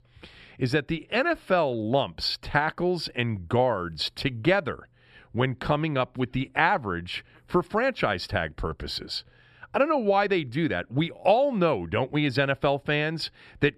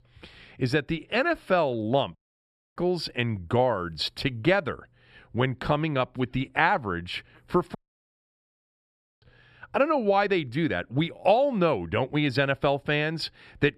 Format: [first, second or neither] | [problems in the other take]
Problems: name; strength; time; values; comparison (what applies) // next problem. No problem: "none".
first | audio cutting out; at 2 s for 0.5 s and at 8 s for 1.5 s